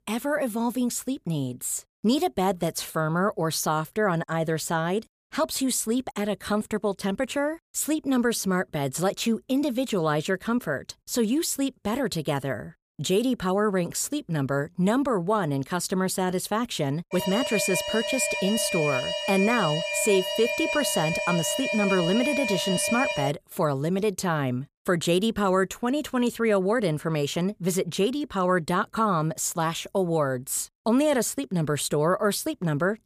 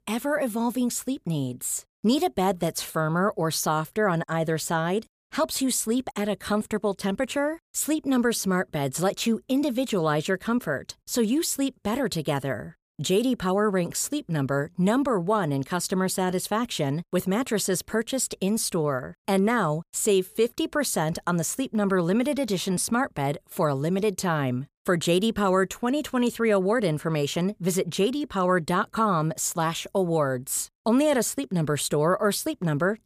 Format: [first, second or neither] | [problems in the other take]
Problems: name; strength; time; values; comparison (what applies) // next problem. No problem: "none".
second | alarm; noticeable; from 17 to 23 s; peak 1 dB below the speech